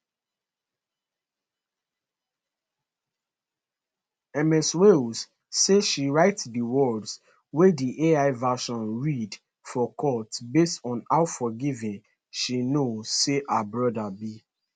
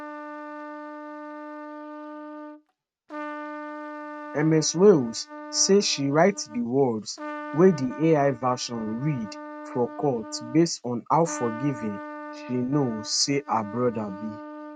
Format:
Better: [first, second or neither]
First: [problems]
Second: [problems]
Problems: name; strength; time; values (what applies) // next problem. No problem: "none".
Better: first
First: none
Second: noise reduction (neural mask model RNNoise)